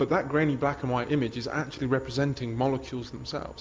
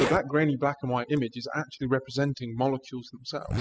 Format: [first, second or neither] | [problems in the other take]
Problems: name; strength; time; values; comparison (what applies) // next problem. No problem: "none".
first | noise reduction (classical method spectral subtraction)